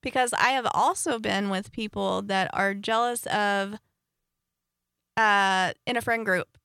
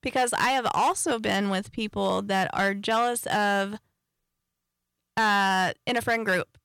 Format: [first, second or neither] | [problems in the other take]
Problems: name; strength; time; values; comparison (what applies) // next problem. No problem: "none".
first | distortion; slight; 5% of the sound clipped